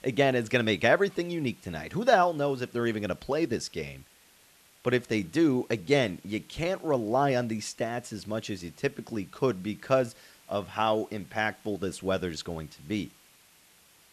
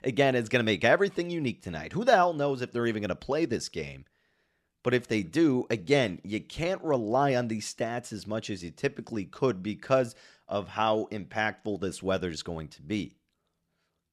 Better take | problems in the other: second | hiss; faint; throughout; 25 dB below the speech

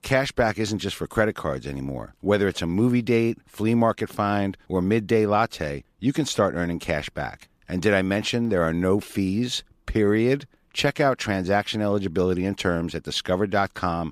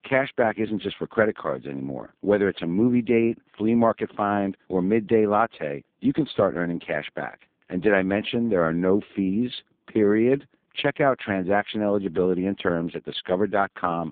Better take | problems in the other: first | phone-call audio; poor line; nothing above 3.5 kHz

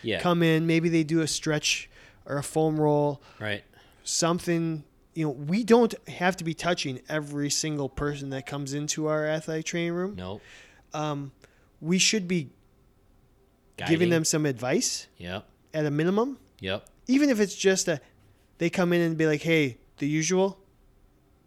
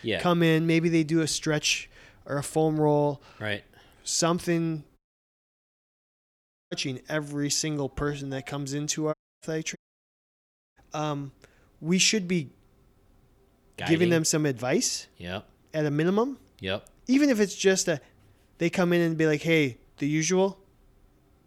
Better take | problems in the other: first | audio cutting out; at 5 s for 1.5 s, at 9 s and at 10 s for 1 s

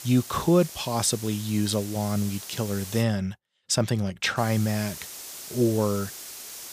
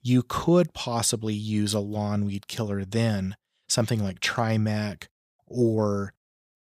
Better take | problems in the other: second | hiss; noticeable; until 3 s and from 4.5 s on; 10 dB below the speech

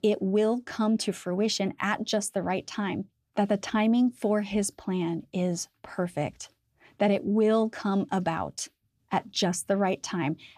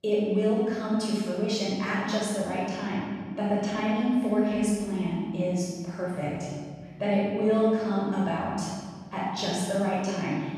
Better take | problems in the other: first | off-mic speech; far // room echo; strong; dies away in 1.9 s

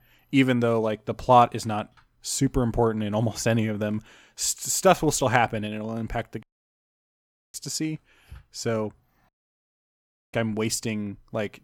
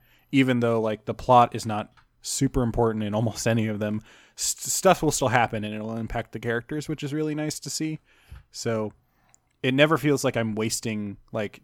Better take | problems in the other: second | audio cutting out; at 6.5 s for 1 s and at 9.5 s for 1 s

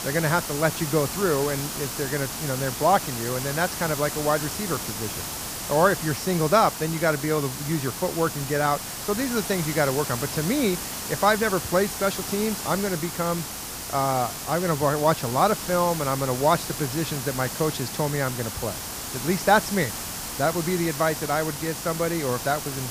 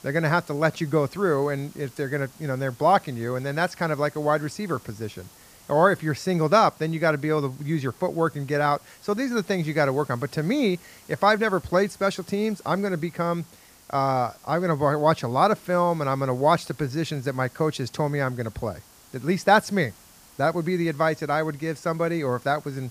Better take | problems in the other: second | hiss; loud; throughout; 5 dB below the speech; faint in the second

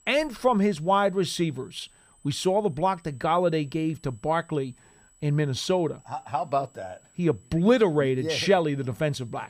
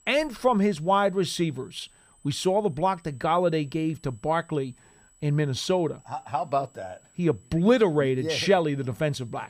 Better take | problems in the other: neither | high-pitched whine; faint; throughout; 8 kHz, 30 dB below the speech; the same in both

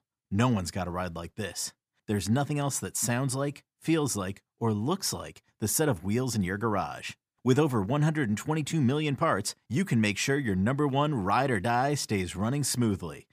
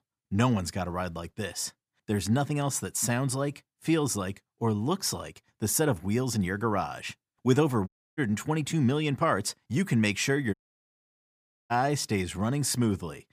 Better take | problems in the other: first | audio cutting out; at 8 s and at 11 s for 1 s

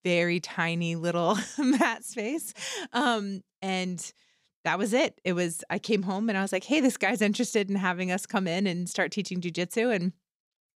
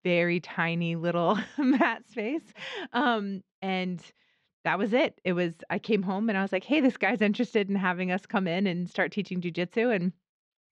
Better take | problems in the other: first | muffled; slightly; fading above 3 kHz

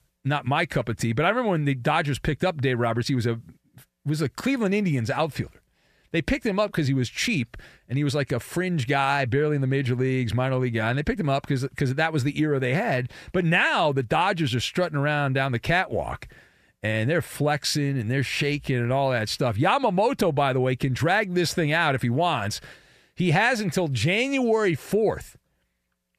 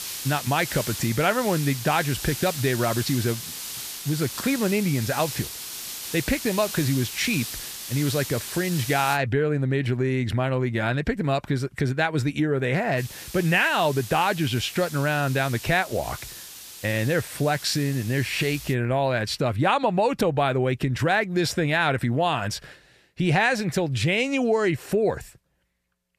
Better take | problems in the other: first | hiss; loud; until 9 s and from 13 to 19 s; 9 dB below the speech

